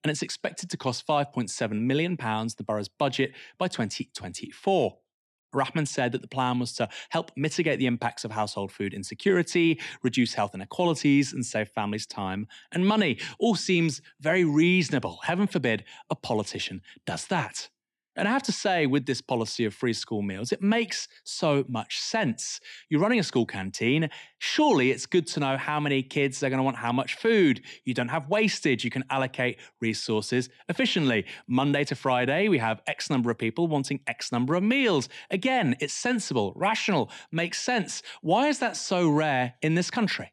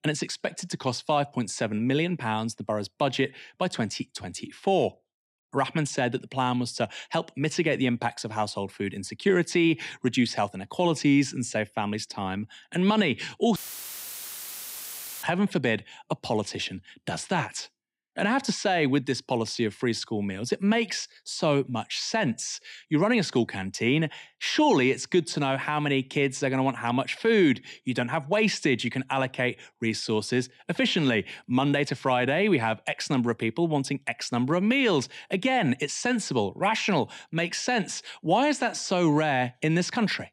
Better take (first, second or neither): first